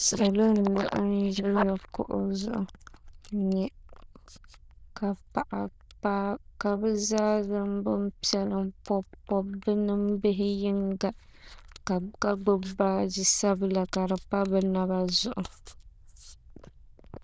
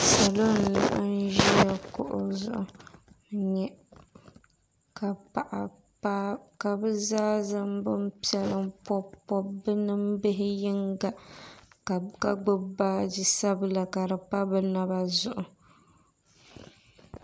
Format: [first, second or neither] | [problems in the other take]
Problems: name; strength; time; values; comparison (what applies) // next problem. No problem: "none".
second | noise reduction (neural diffusion model UNIVERSE++)